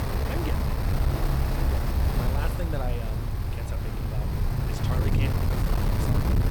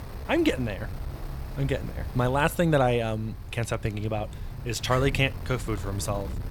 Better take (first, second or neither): second